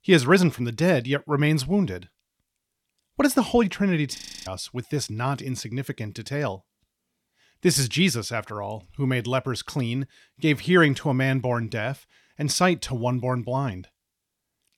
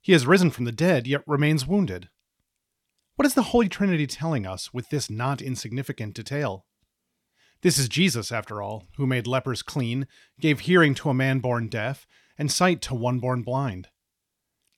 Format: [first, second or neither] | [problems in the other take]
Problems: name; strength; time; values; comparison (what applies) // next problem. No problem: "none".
second | audio freezing; at 4 s